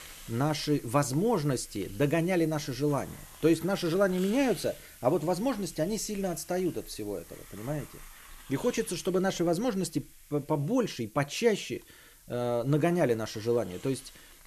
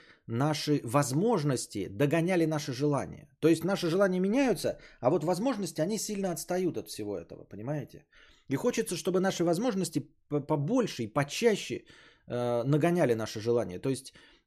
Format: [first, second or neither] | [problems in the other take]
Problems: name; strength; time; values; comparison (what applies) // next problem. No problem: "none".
second | hiss; noticeable; throughout; 20 dB below the speech